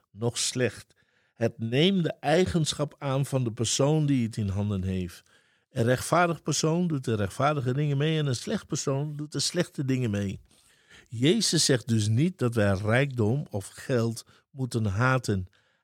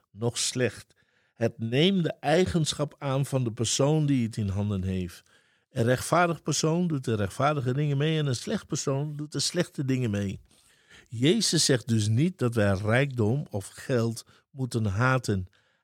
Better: neither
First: none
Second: none

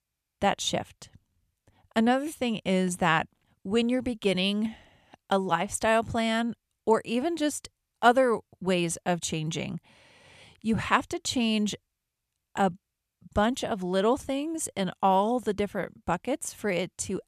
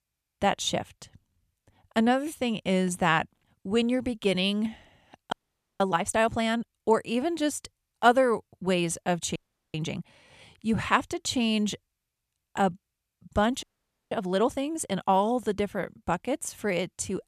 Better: first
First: none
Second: audio freezing; at 5.5 s, at 9.5 s and at 14 s

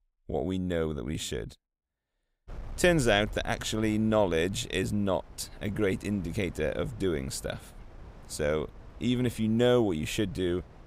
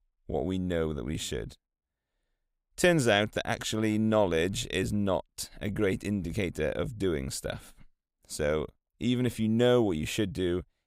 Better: second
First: wind noise on the microphone; occasional gusts; from 2.5 s on; 25 dB below the speech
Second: none

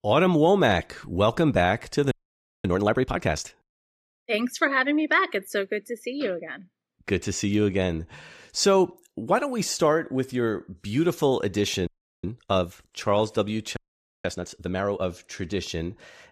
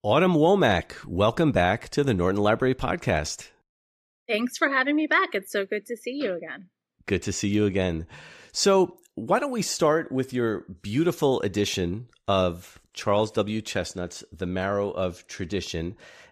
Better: second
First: audio freezing; at 2 s for 0.5 s, at 12 s and at 14 s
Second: none

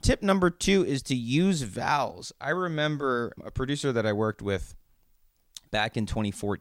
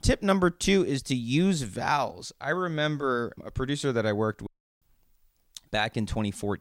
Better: first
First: none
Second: audio cutting out; at 4.5 s

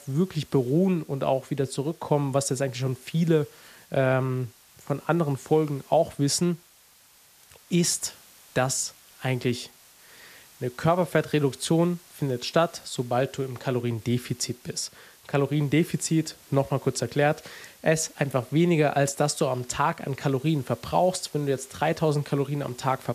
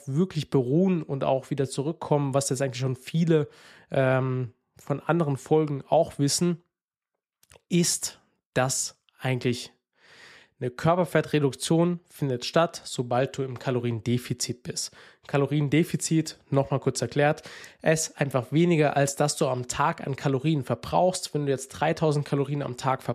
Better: second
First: hiss; faint; throughout; 25 dB below the speech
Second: none

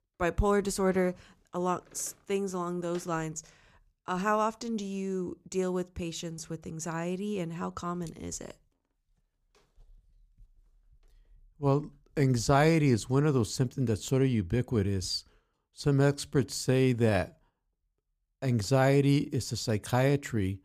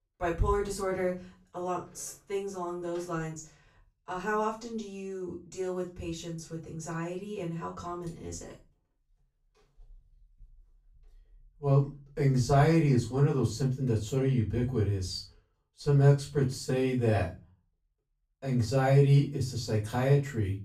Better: first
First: none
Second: off-mic speech; far // room echo; slight; dies away in 0.3 s

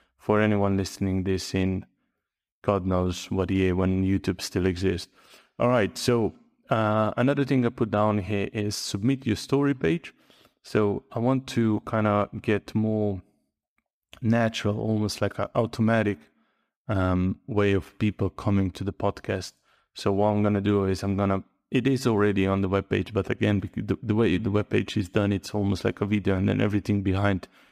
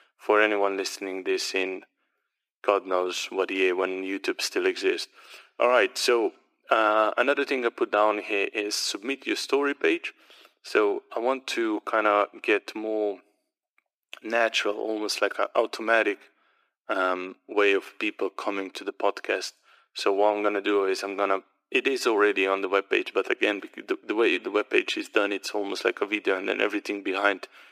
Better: first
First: none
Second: thin; very; fading below 350 Hz

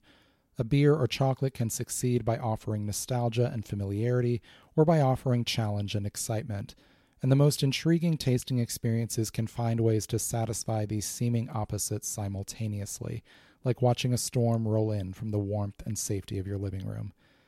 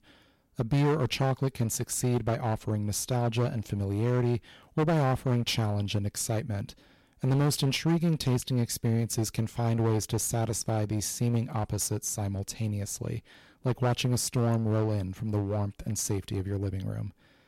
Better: first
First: none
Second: distortion; slight; 11% of the sound clipped

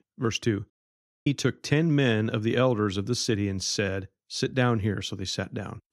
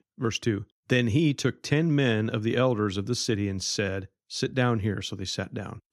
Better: second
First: audio cutting out; at 0.5 s for 0.5 s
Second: none

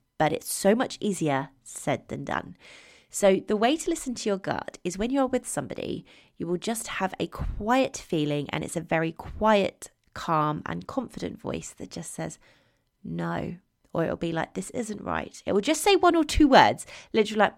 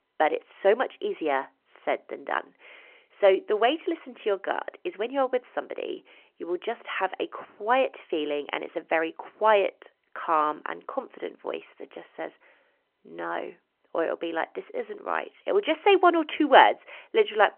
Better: first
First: none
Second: phone-call audio; nothing above 3 kHz

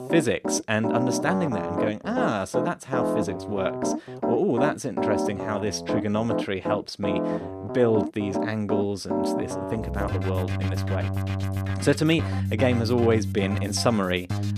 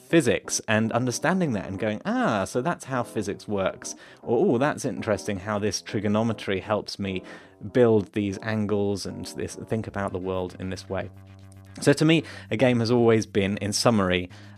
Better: second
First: background music; loud; throughout; 2 dB below the speech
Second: background music; faint; throughout; 25 dB below the speech

